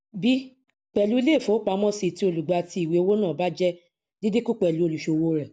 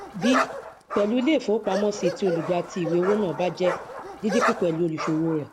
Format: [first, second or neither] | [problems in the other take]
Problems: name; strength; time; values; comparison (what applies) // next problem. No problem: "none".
first | background sound (Bark); 5 dB below the speech